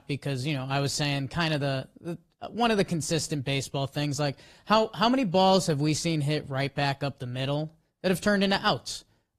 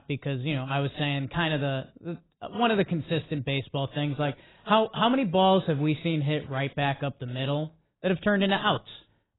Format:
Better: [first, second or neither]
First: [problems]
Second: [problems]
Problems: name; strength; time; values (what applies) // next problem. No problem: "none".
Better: first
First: garbled, watery; slightly; nothing above 14.5 kHz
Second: garbled, watery; badly; nothing above 4 kHz